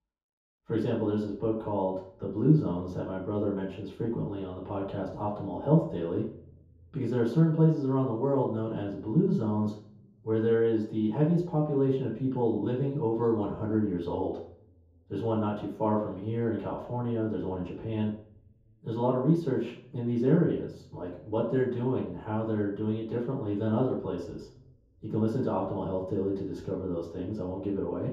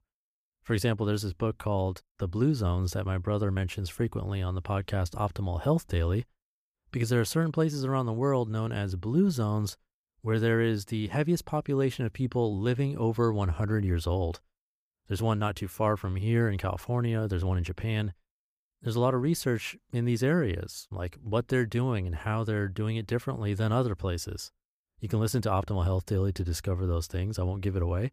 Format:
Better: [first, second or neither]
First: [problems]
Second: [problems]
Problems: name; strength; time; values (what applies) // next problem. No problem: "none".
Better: second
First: room echo; noticeable; dies away in 0.6 s // off-mic speech; far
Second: none